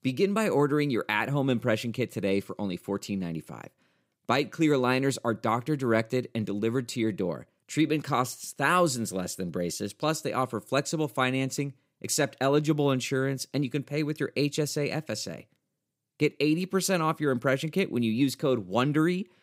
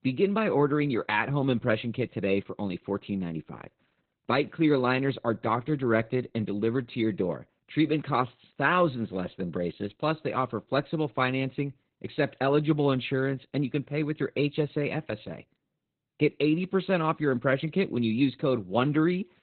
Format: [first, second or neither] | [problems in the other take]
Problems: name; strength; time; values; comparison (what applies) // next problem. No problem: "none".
first | garbled, watery; badly; nothing above 4 kHz